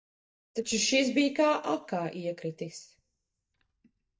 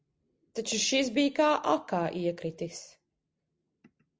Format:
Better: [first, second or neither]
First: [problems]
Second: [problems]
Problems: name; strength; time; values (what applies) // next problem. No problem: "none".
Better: second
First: noise reduction (neural mask model DeepFilterNet 3)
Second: none